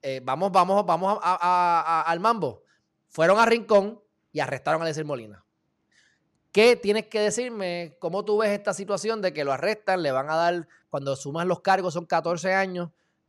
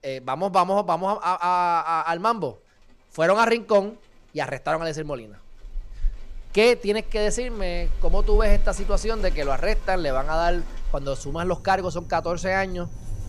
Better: first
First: none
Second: rain or running water; noticeable; throughout; 10 dB below the speech

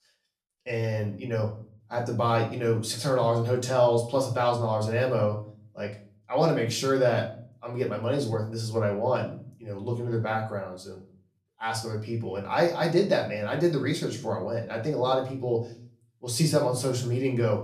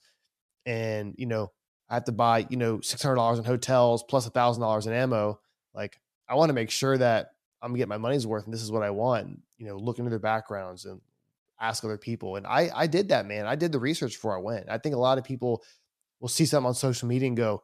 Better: second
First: room echo; slight; dies away in 0.4 s // off-mic speech; far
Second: none

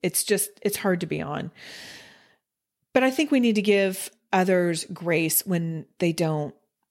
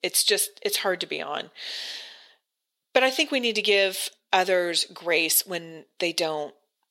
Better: first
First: none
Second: thin; somewhat; fading below 550 Hz

